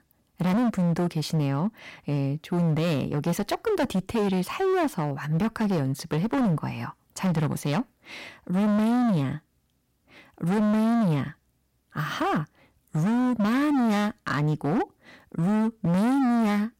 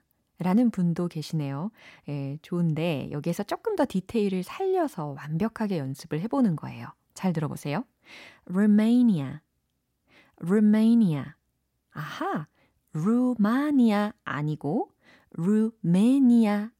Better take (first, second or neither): second